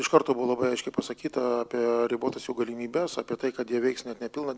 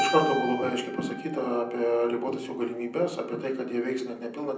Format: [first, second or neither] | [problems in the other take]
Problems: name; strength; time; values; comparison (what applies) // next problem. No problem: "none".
first | background sound (Keyboard (musical)); 8 dB below the speech // room echo; dies away in 0.6 s